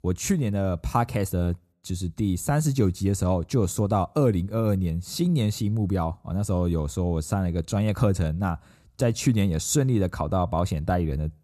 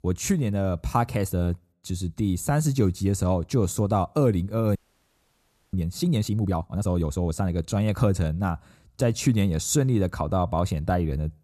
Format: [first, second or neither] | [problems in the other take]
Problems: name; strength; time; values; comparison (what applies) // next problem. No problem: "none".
first | audio freezing; at 5 s for 1 s